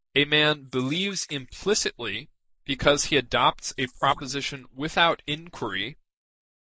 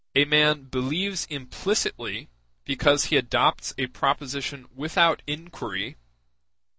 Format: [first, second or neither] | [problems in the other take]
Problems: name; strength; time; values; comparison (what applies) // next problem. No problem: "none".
second | noise reduction (neural mask model Resemble Enhance denoiser)